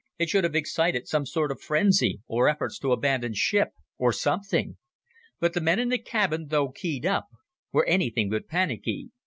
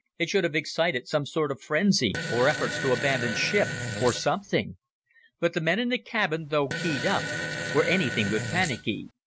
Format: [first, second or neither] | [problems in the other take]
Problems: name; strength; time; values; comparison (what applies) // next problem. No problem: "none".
first | background sound (Fart); 5 dB below the speech